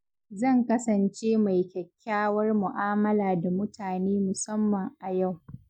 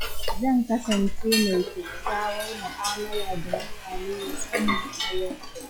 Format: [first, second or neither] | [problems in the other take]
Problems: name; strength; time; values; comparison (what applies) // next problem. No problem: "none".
first | noise reduction (classical method log-MMSE)